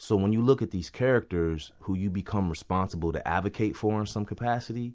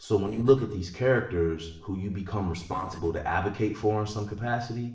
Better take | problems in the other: first | noise reduction (neural separator model SepFormer DNS4)

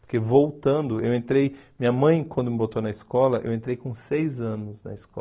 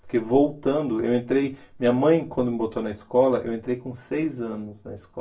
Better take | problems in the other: first | room echo; dies away in 0.2 s

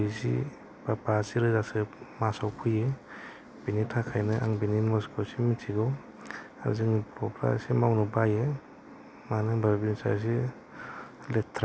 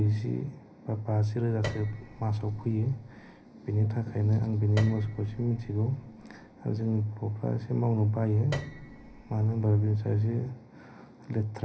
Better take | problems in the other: first | background sound (Piano); 14 dB below the speech // room echo; dies away in 0.5 s

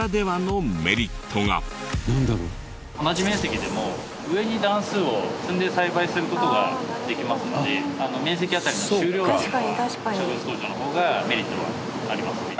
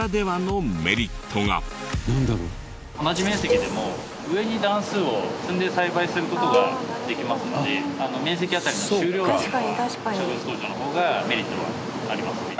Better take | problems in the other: first | background sound (Cowbell); 6 dB below the speech

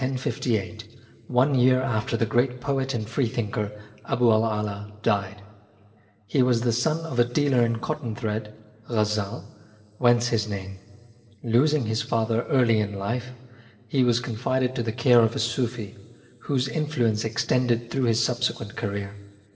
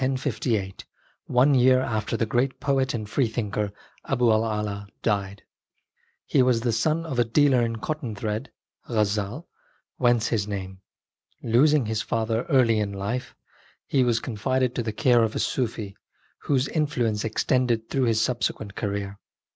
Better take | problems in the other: second | room echo; dies away in 2.2 s

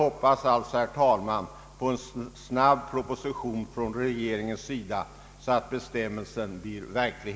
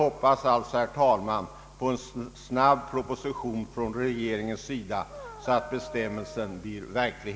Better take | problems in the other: first | background sound (Dog); 14 dB below the speech

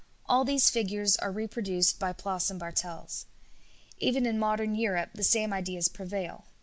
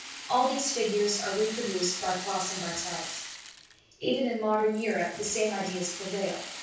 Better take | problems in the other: first | background sound (Rattle (instrument)); 10 dB below the speech // room echo; dies away in 0.6 s

